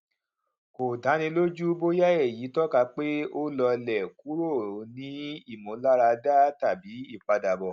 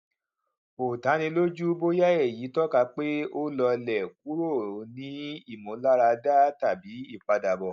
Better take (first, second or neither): first